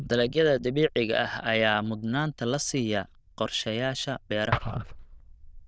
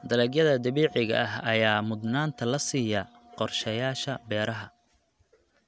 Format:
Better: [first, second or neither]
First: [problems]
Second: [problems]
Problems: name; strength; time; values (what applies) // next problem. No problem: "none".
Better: second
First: noise reduction (neural diffusion model UNIVERSE++)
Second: none